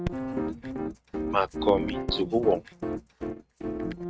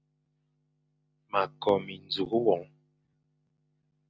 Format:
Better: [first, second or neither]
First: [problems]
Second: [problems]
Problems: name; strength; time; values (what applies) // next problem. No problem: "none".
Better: second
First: noise reduction (neural mask model RNNoise)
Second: none